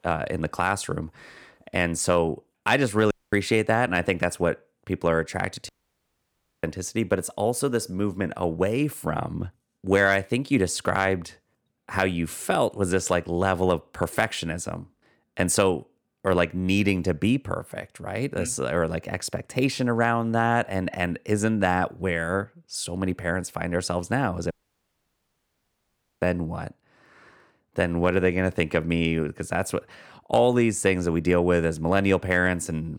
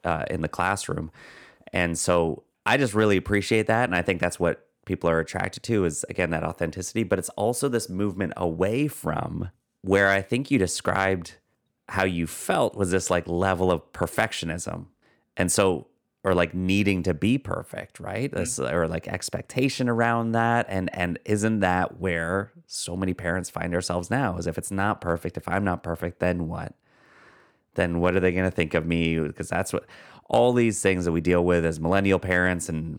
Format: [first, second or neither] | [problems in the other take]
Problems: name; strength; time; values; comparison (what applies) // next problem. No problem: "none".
second | audio cutting out; at 3 s, at 5.5 s for 1 s and at 25 s for 1.5 s